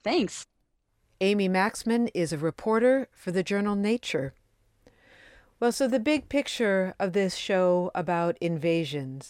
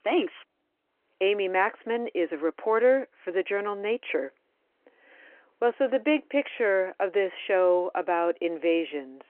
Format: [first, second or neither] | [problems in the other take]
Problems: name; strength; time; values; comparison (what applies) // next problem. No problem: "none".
first | phone-call audio